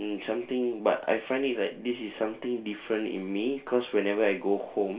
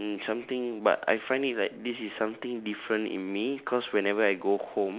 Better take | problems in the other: second | room echo; dies away in 0.3 s

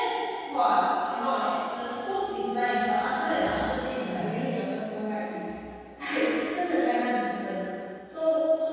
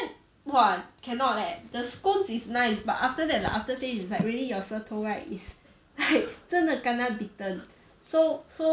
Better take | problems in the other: second | room echo; dies away in 2.2 s

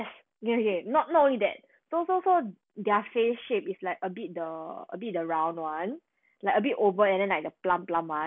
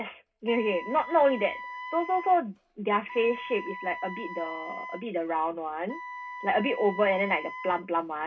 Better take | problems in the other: first | background sound (Wind instrument, woodwind instrument); 12 dB below the speech // room echo; dies away in 0.2 s

